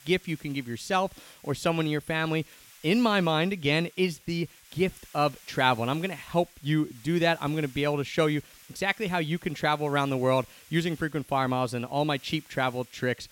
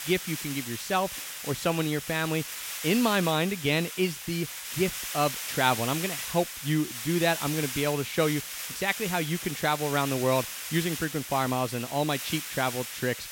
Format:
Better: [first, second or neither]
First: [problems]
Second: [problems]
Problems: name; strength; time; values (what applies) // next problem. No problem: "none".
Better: first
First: hiss; faint; throughout; 25 dB below the speech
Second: hiss; loud; throughout; 6 dB below the speech